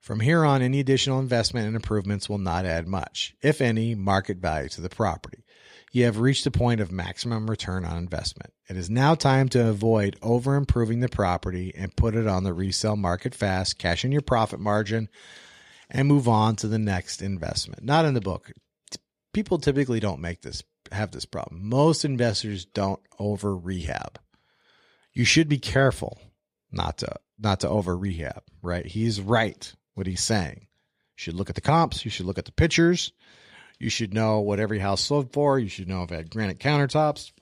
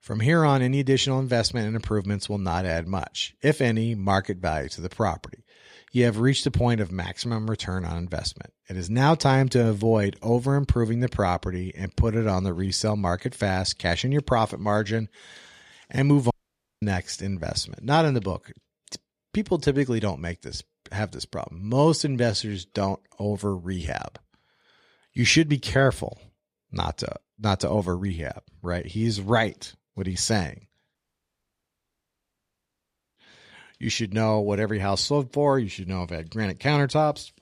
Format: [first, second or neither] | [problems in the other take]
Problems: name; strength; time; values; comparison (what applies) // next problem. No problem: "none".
first | audio cutting out; at 16 s for 0.5 s and at 31 s for 2 s